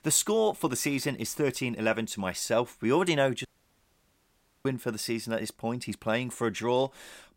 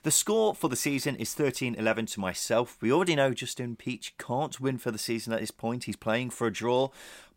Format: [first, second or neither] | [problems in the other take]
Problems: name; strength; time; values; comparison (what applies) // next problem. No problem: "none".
second | audio cutting out; at 3.5 s for 1 s